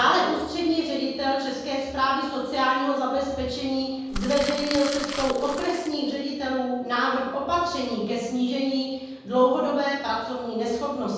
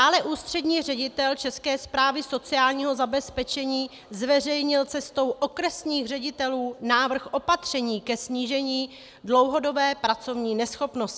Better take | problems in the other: second | background sound (Crumpling, crinkling); 9 dB below the speech // room echo; dies away in 1.3 s

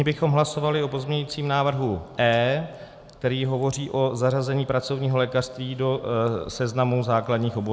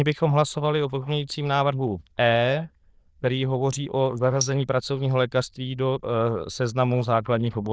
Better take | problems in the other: first | noise reduction (neural diffusion model UNIVERSE++)

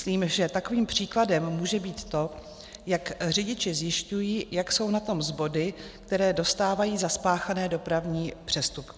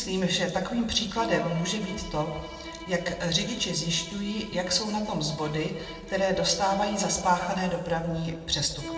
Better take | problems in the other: first | background sound (Bowed string instrument); 15 dB below the speech // room echo; dies away in 1.4 s

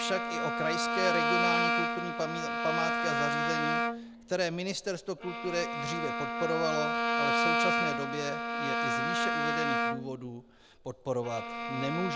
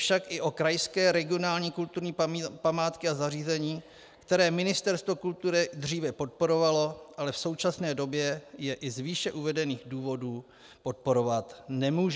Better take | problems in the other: second | background sound (Bowed string instrument); 4 dB above the speech

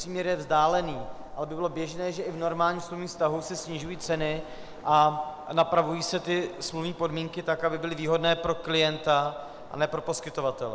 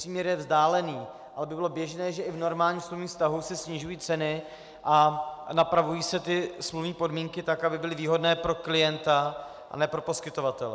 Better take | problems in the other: second | background sound (Waves, surf); 15 dB below the speech

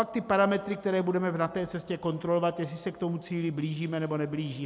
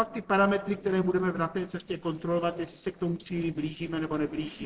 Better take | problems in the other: first | noise reduction (neural separator model SepFormer DNS4)

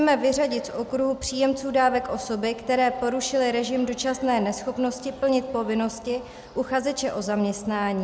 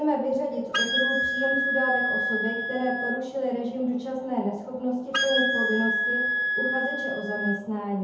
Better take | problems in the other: first | background sound (Wind instrument, woodwind instrument); 1 dB above the speech // room echo; dies away in 0.8 s

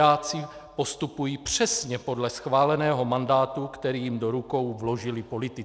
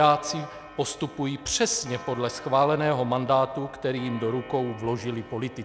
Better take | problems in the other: first | background sound (Clock); 18 dB below the speech

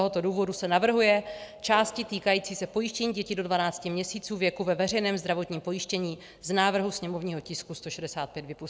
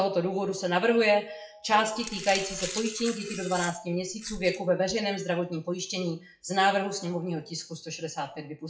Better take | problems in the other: first | noise reduction (classical method WPE with log-MMSE)

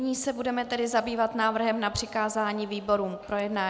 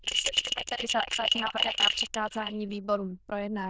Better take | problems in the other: first | noise reduction (neural diffusion model UNIVERSE++)

